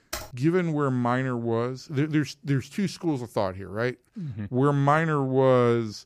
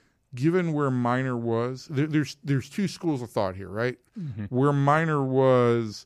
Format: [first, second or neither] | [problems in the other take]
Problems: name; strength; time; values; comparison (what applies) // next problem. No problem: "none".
second | keyboard typing; faint; at the start; peak 10 dB below the speech